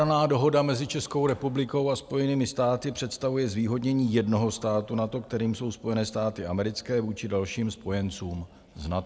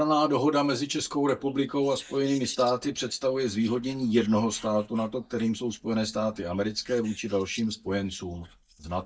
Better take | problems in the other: first | noise reduction (neural mask model DeepFilterNet 3)

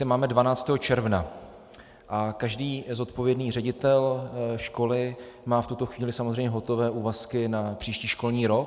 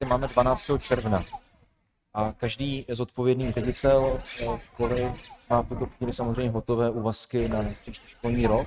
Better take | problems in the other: first | noise reduction (neural mask model RNNoise)

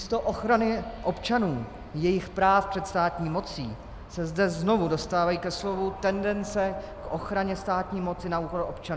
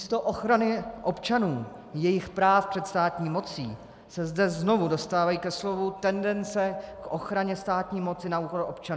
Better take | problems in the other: second | background sound (Aircraft); 16 dB below the speech

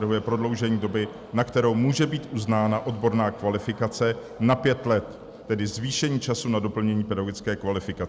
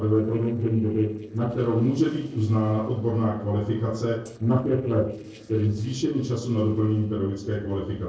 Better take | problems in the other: first | noise reduction (neural separator model SepFormer DNS4)

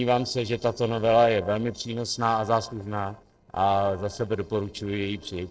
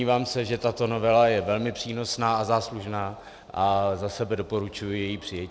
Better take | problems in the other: second | noise reduction (neural separator model SepFormer DNS4)

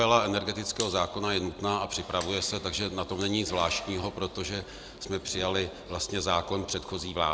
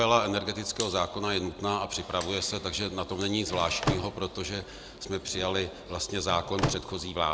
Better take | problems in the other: first | background sound (Slam / Microwave oven); 3 dB below the speech

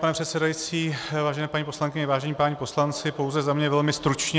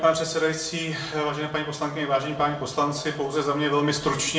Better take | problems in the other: first | background sound (Burping, eructation); 19 dB below the speech // room echo; dies away in 0.6 s

